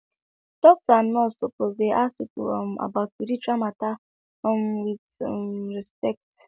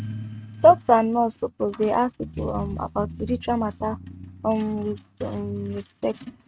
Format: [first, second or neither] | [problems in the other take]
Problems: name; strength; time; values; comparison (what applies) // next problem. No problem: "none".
first | noise reduction (neural mask model RNNoise)